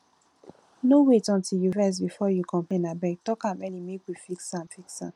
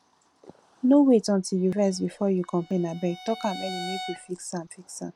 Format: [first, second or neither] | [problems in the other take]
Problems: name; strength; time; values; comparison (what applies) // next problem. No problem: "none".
first | background sound (Bowed string instrument); 15 dB below the speech